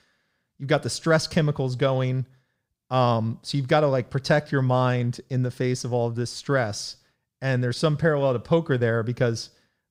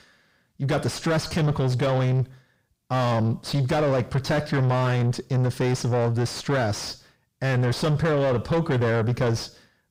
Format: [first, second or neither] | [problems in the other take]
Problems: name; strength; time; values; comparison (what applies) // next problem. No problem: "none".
first | distortion; heavy; 5 dB below the speech